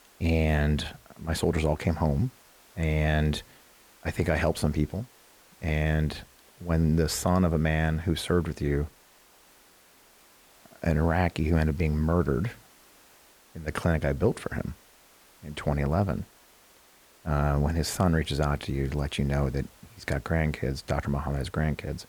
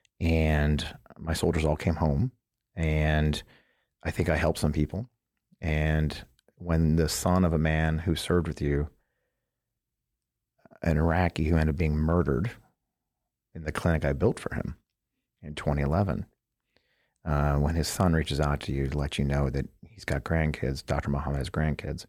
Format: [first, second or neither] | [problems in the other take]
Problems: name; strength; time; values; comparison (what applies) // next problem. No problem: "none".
second | hiss; faint; throughout; 25 dB below the speech